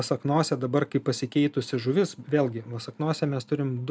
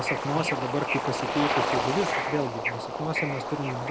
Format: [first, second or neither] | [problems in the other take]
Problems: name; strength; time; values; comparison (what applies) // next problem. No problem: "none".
first | background sound (Bird / Ocean); 2 dB above the speech